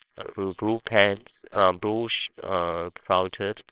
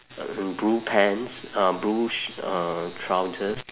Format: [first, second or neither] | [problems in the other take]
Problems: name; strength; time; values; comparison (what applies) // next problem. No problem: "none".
second | noise reduction (neural separator model SepFormer WHAMR!)